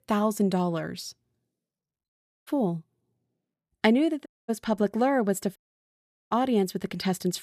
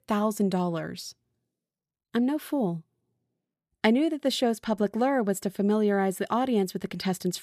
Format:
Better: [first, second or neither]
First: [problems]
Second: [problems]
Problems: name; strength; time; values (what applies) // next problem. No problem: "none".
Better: second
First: audio cutting out; at 2 s, at 4.5 s and at 5.5 s for 1 s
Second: none